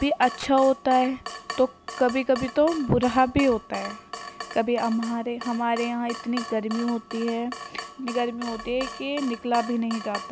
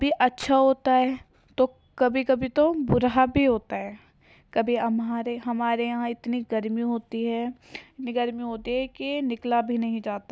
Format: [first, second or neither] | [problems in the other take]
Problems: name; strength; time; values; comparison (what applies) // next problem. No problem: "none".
second | background sound (Drip / Water tap, faucet); 13 dB below the speech